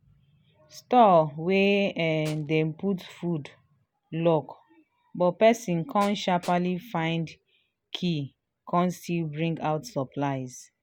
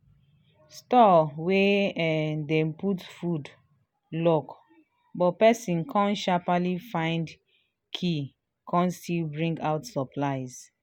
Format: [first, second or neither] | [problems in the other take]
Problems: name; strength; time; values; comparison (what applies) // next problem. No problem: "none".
second | background sound (Tools); 20 dB below the speech